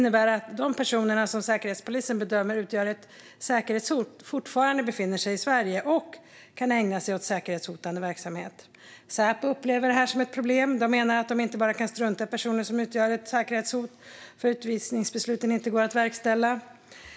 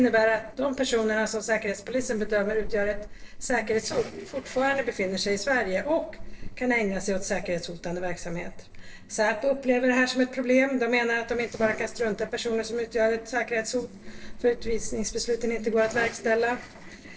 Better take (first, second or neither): first